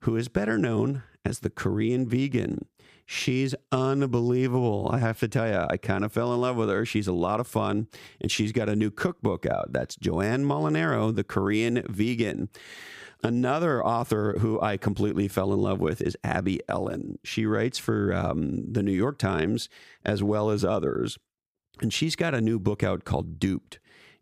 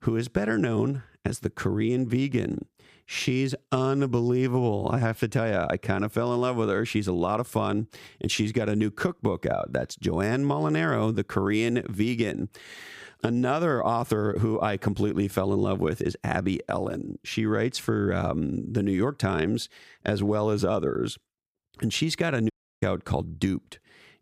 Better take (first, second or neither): first